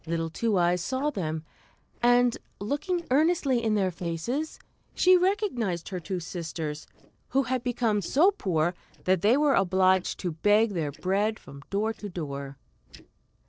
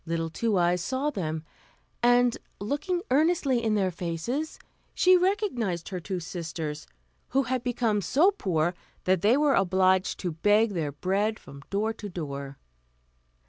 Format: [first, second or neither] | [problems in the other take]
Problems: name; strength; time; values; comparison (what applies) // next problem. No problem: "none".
second | noise reduction (neural separator model SepFormer DNS4)